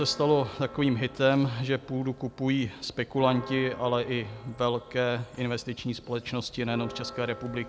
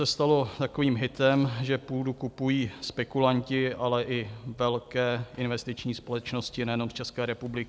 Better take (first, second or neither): second